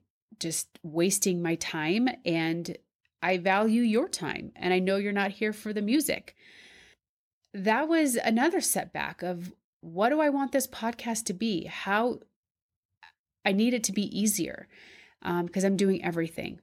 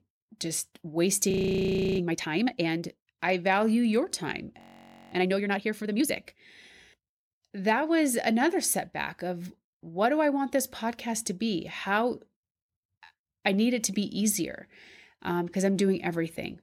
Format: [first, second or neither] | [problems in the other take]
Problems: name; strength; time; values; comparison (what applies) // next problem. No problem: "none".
first | audio freezing; at 1.5 s for 0.5 s and at 4.5 s for 0.5 s